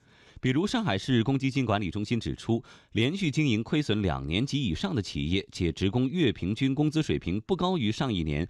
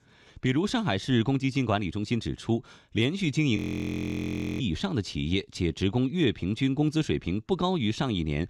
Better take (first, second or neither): first